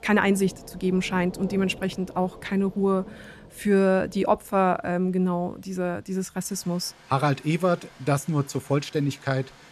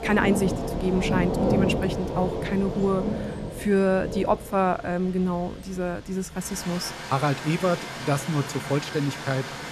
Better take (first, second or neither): first